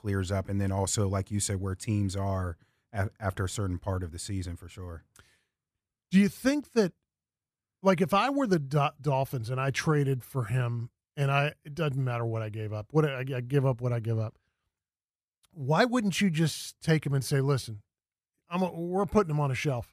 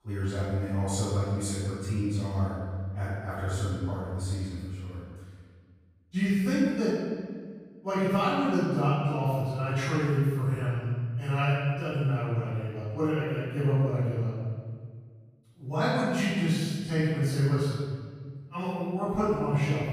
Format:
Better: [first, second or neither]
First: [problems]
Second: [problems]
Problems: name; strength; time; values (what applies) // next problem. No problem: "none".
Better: first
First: none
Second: off-mic speech; far // room echo; strong; dies away in 1.5 s